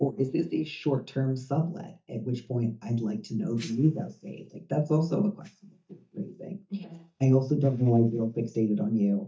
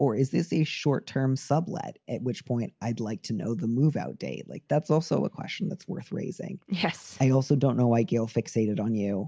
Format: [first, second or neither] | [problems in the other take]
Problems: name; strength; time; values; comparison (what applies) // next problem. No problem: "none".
second | noise reduction (neural mask model DeepFilterNet 3)